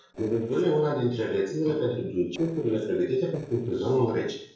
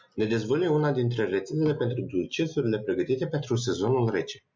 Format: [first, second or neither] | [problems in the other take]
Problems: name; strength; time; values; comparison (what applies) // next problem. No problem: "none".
second | noise reduction (neural separator model SepFormer DNS4)